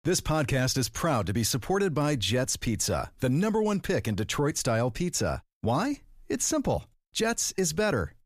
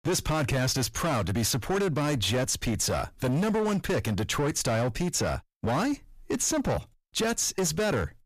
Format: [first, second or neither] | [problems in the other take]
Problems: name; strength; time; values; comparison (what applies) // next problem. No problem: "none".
first | distortion; slight; 22% of the sound clipped